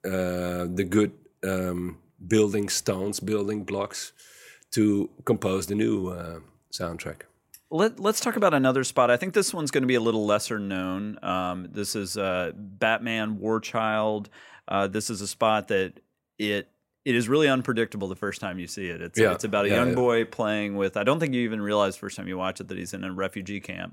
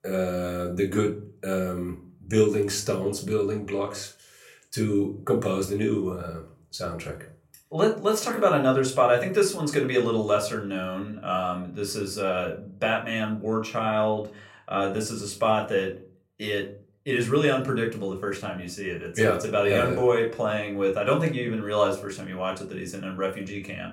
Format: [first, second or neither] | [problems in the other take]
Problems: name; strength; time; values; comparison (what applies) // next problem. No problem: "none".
first | off-mic speech; somewhat distant // room echo; very slight; dies away in 0.3 s